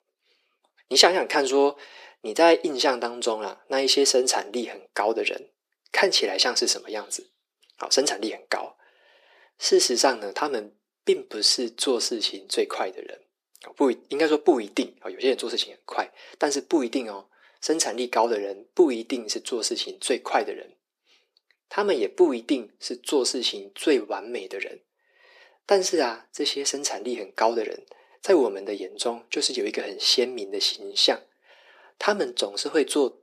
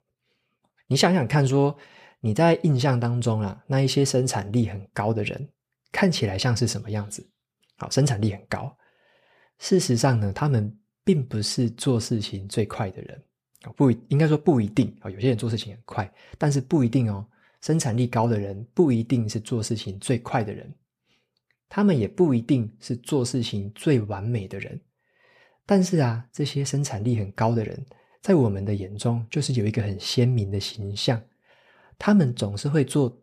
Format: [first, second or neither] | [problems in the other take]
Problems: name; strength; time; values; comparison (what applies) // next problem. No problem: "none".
second | thin; very; fading below 300 Hz